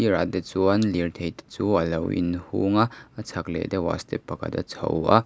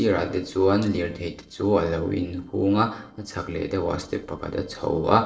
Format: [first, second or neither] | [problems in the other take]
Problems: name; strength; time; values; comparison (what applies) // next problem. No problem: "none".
first | noise reduction (neural separator model SepFormer DNS4)